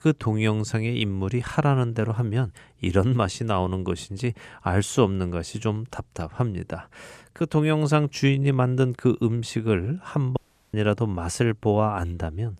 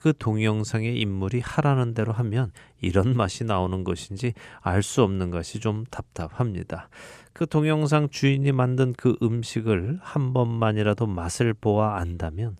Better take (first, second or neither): second